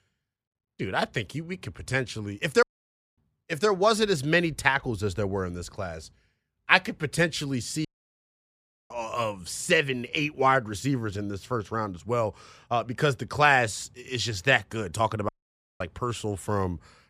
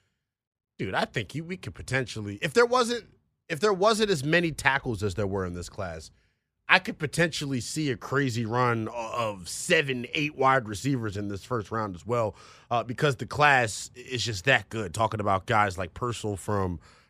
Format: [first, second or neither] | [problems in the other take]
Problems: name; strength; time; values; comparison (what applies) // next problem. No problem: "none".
second | audio cutting out; at 2.5 s for 0.5 s, at 8 s for 1 s and at 15 s for 0.5 s